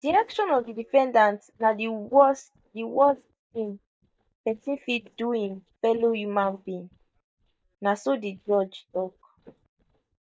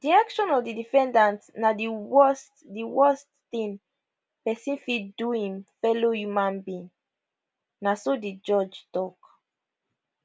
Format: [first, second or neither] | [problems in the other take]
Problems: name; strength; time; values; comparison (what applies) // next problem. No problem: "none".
second | noise reduction (neural mask model DeepFilterNet 3)